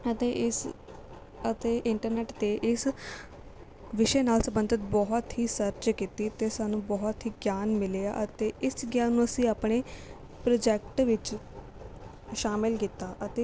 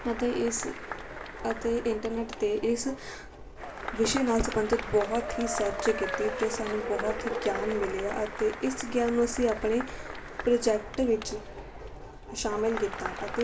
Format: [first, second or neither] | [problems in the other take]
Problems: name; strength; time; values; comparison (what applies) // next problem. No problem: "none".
first | background sound (Applause / Crowd / Cheering); 8 dB below the speech // room echo; dies away in 0.2 s